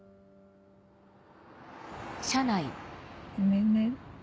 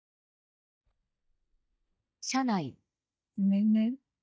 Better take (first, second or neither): first